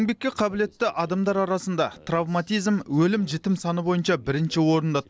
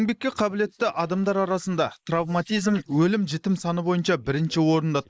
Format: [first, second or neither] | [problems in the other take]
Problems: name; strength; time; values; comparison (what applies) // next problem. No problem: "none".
first | noise reduction (neural mask model Resemble Enhance denoiser)